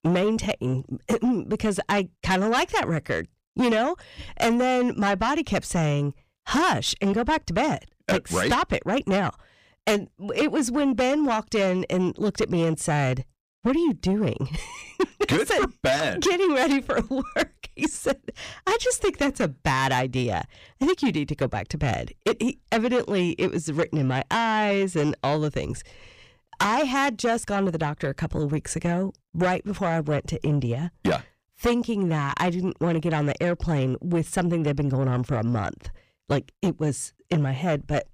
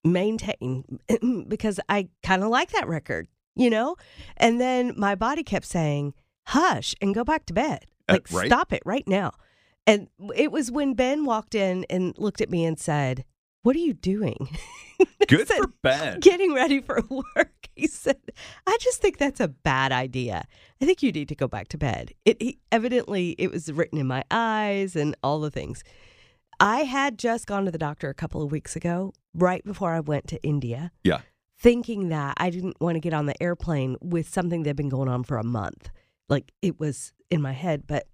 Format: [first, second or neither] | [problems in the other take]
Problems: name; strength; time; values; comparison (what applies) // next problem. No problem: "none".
second | distortion; heavy; 6 dB below the speech